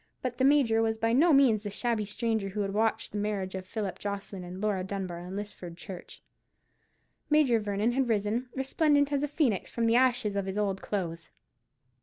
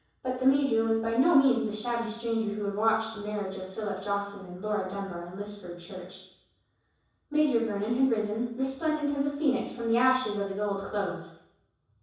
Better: first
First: none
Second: room echo; dies away in 0.7 s

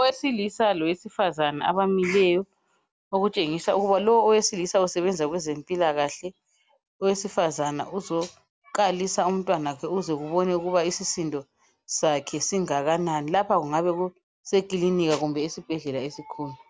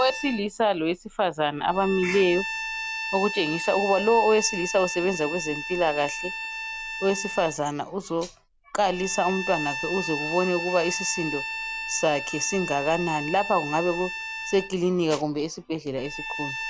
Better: first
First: none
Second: background sound (Bowed string instrument); 8 dB below the speech

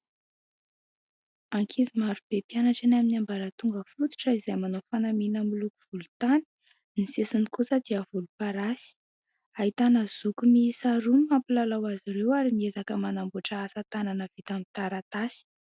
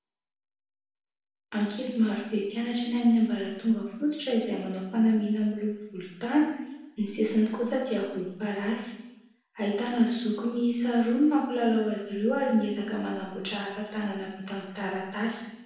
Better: first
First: none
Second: room echo; dies away in 0.8 s

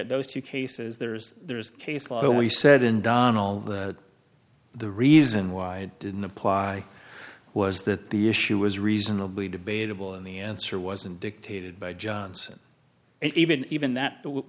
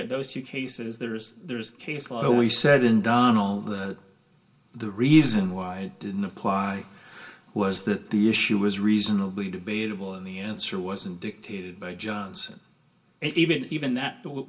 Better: first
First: none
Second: room echo; dies away in 0.2 s

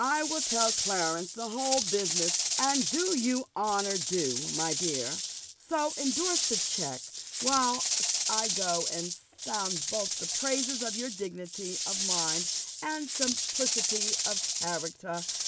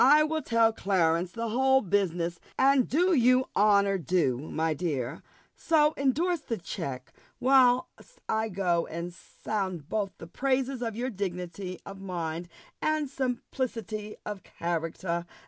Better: second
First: background sound (Rattle / Rattle (instrument)); 2 dB above the speech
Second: none

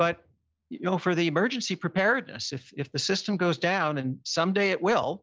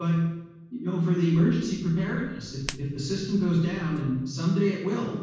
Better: first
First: none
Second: background sound (Hands); 18 dB below the speech // room echo; dies away in 1.2 s

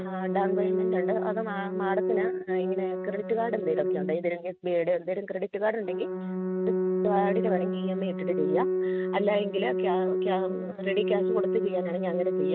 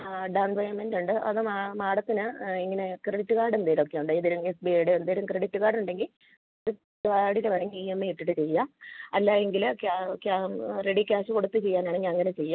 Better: second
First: noise reduction (neural mask model RNNoise)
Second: none

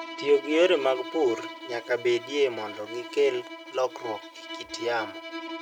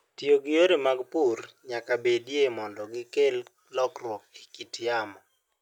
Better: second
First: background sound (Bowed string instrument); 12 dB below the speech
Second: none

